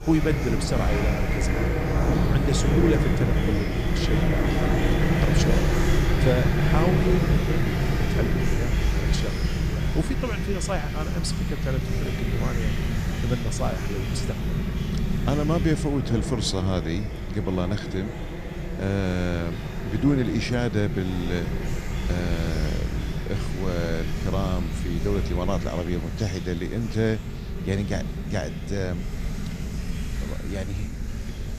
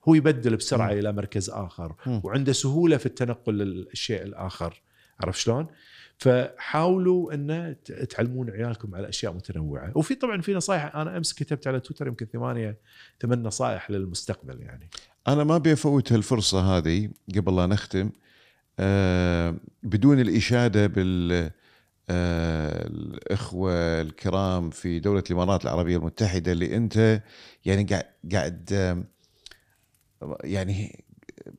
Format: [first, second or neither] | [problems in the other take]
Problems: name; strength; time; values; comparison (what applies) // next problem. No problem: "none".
second | animal sounds; very loud; throughout; 2 dB above the speech